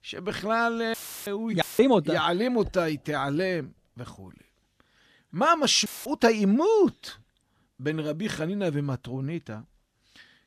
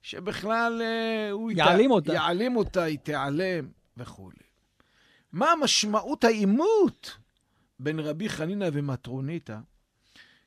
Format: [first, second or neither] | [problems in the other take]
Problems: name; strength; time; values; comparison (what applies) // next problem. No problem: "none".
second | audio cutting out; filled with static; at 1 s, at 1.5 s and at 6 s